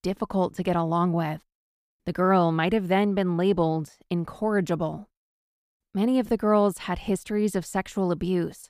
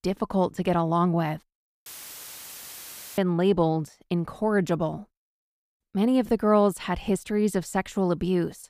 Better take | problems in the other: first | audio cutting out; filled with static; at 2 s for 1.5 s

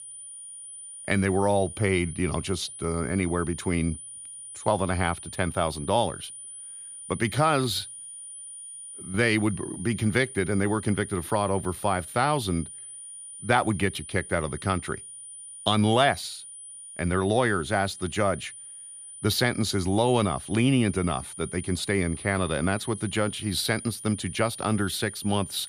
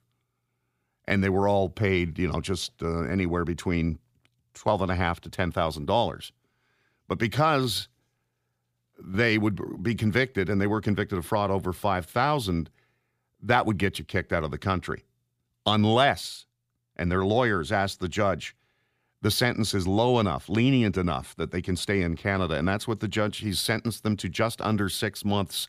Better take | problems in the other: second | high-pitched whine; noticeable; throughout; 9.5 kHz, 10 dB below the speech

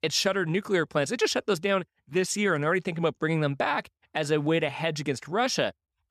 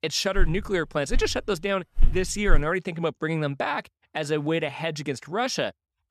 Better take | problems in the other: first | footsteps; noticeable; until 2.5 s; peak 2 dB below the speech

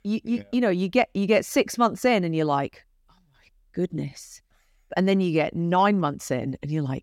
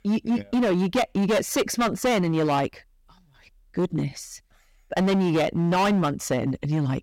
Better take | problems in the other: first | distortion; heavy; 16% of the sound clipped

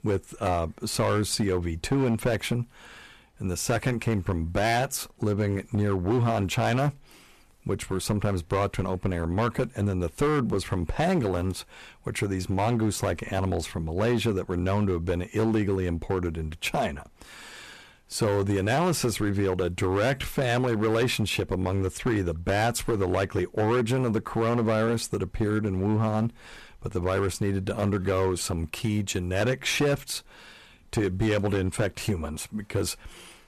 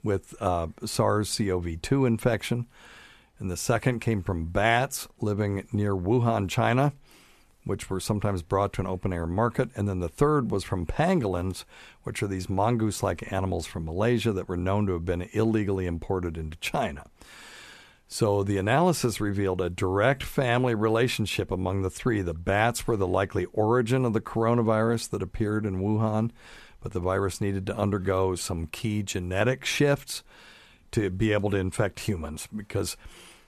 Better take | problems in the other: second | distortion; slight; 8% of the sound clipped

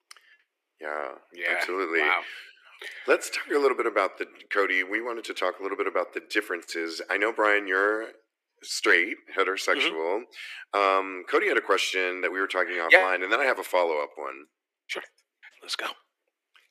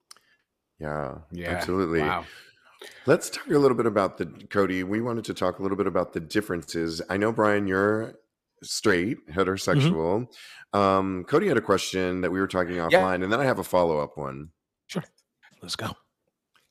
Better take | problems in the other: second | thin; very; fading below 350 Hz

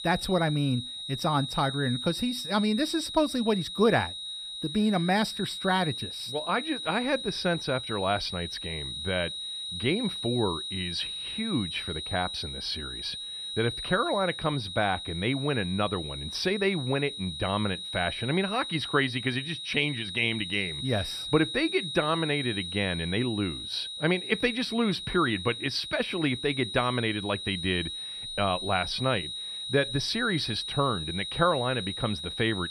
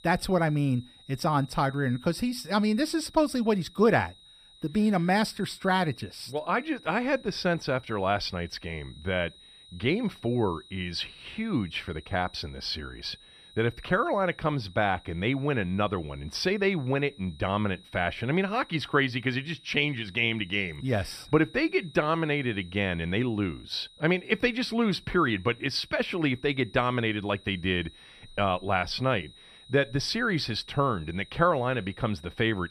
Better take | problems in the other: second | high-pitched whine; loud; throughout; 4 kHz, 5 dB below the speech; faint in the second

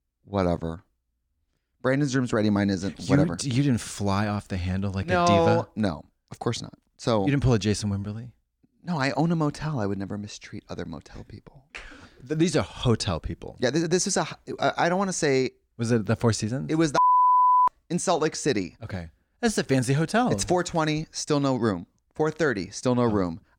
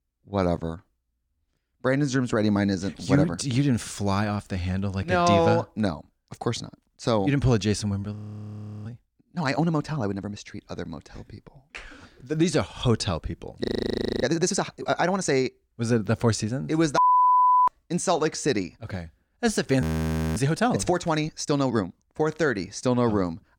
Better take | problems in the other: first | audio freezing; at 8 s for 0.5 s, at 14 s for 0.5 s and at 20 s for 0.5 s

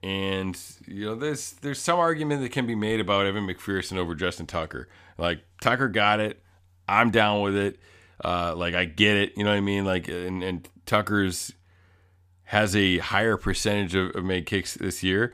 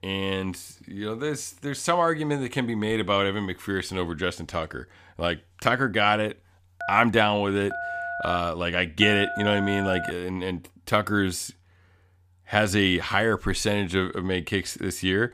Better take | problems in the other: first | phone ringing; noticeable; from 7 to 10 s; peak 6 dB below the speech

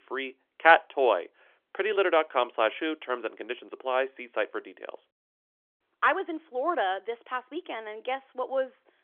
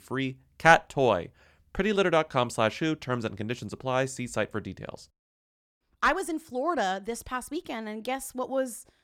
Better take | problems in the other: second | phone-call audio; nothing above 3.5 kHz

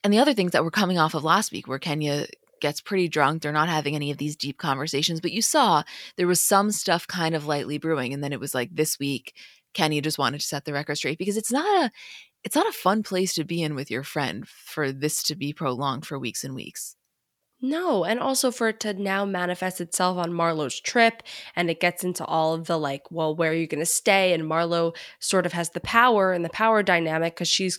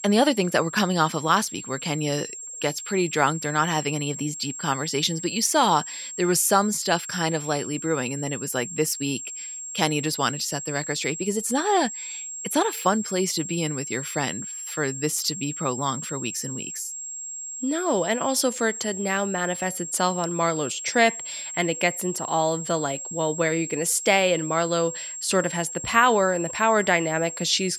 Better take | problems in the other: first | high-pitched whine; loud; throughout; 7.5 kHz, 8 dB below the speech

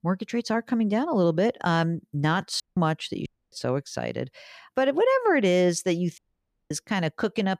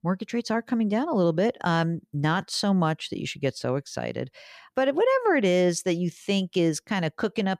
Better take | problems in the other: second | audio cutting out; at 2.5 s, at 3.5 s and at 6 s for 0.5 s

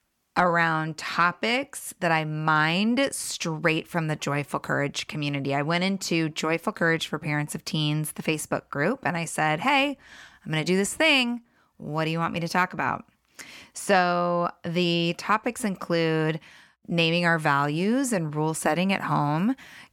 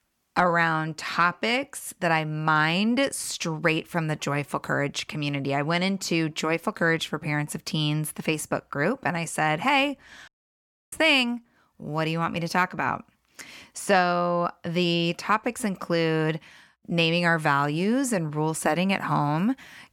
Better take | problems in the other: first | audio cutting out; at 10 s for 0.5 s

